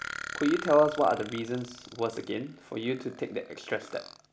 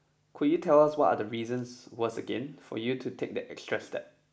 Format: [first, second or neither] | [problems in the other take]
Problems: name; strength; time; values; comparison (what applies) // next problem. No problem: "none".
second | background sound (Burping, eructation); 13 dB below the speech